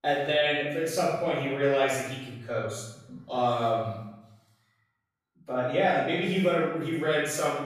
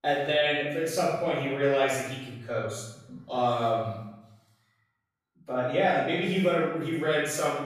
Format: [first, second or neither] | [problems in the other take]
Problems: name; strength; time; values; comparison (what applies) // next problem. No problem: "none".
neither | off-mic speech; far; the same in both // room echo; noticeable; dies away in 0.8 s; the same in both